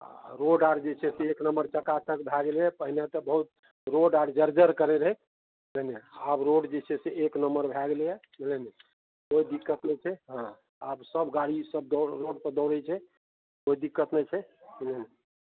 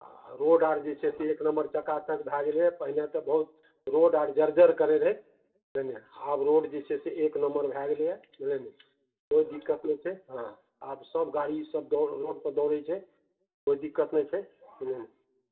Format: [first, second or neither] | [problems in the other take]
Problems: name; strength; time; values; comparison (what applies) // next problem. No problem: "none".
first | room echo; dies away in 0.4 s